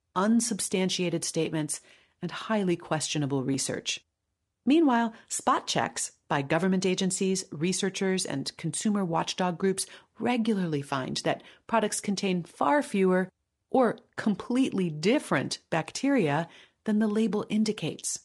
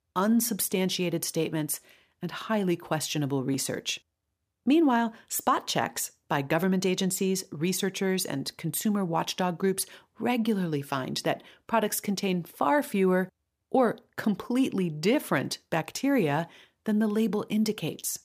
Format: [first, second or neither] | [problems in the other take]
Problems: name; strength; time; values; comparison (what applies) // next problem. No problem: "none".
second | garbled, watery; slightly; nothing above 10.5 kHz